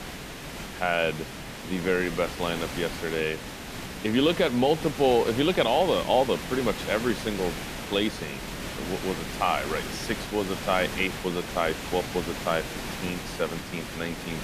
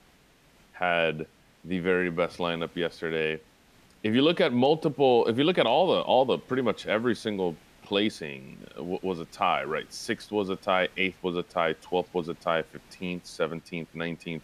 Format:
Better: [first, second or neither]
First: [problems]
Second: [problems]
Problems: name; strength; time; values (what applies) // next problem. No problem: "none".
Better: second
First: hiss; loud; throughout; 8 dB below the speech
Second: hiss; faint; throughout; 30 dB below the speech